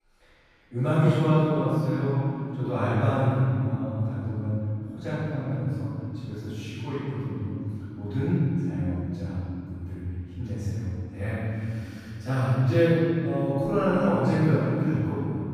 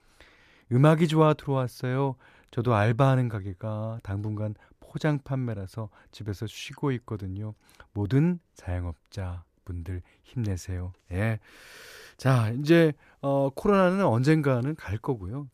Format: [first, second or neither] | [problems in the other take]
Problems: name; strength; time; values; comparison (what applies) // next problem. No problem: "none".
second | off-mic speech; far // room echo; strong; dies away in 3 s